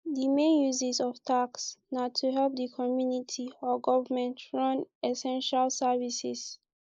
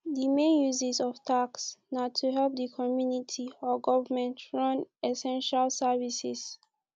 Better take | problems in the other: second | noise reduction (neural mask model Resemble Enhance denoiser)

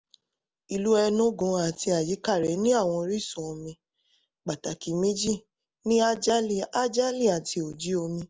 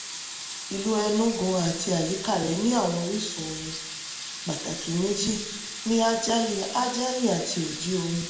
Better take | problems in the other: first | background sound (Sink (filling or washing) / Water tap, faucet); 9 dB below the speech // room echo; dies away in 1 s

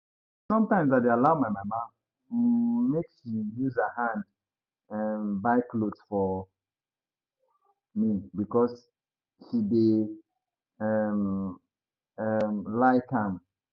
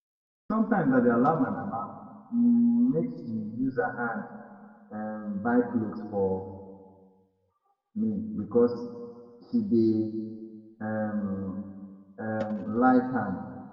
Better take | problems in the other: first | room echo; dies away in 1.5 s

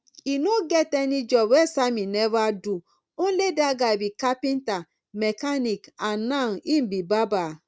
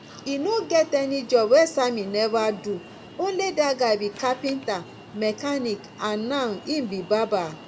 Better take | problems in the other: first | background sound (Alarm); 19 dB below the speech // room echo; dies away in 1.9 s

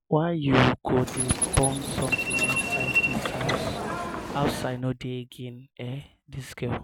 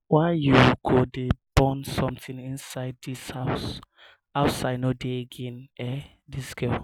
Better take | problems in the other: second | background sound (Subway, metro, underground); as loud as the speech

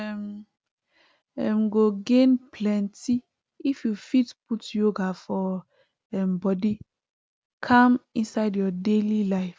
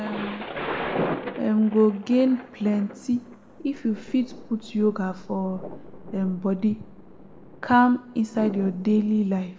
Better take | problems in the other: first | background sound (Thunder); 11 dB below the speech // room echo; dies away in 1.6 s

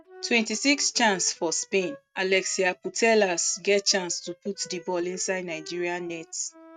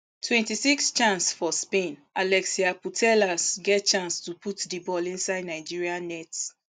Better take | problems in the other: second | noise reduction (neural mask model RNNoise)

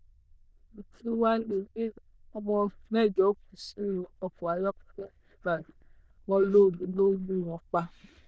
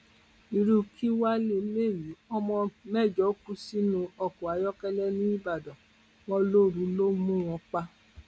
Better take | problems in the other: second | noise reduction (neural diffusion model UNIVERSE++)

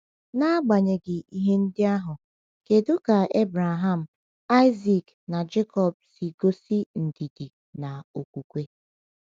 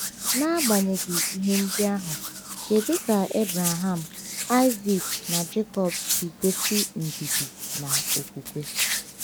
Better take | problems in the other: first | background sound (Hands); 3 dB below the speech

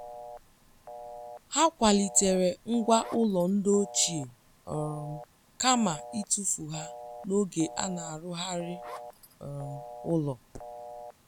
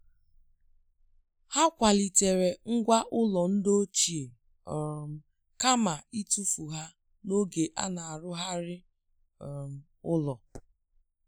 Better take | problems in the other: second | background sound (Telephone + Zipper (clothing)); 15 dB below the speech

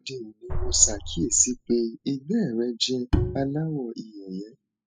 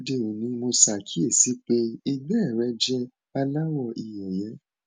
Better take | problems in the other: second | noise reduction (classical method spectral subtraction)

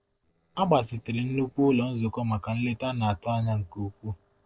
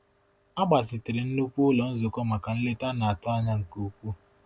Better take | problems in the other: second | noise reduction (neural separator model SepFormer DNS4)

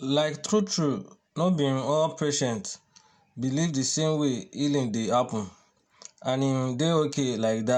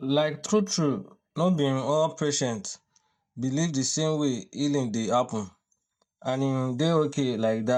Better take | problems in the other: first | noise reduction (neural mask model DeepFilterNet 3)

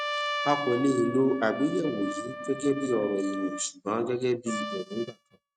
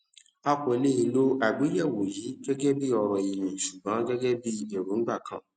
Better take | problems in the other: second | noise reduction (neural mask model RNNoise)

